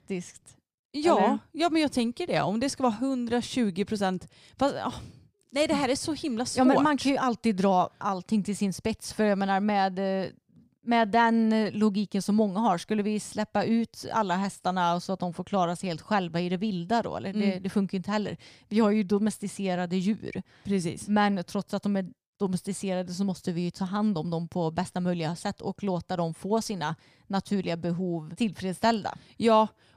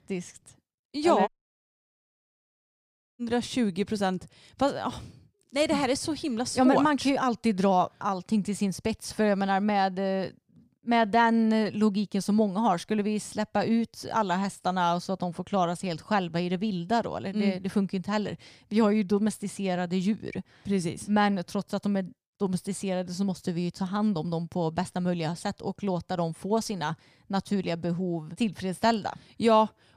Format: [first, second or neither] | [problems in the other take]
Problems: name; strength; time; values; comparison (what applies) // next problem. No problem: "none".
first | audio cutting out; at 1.5 s for 2 s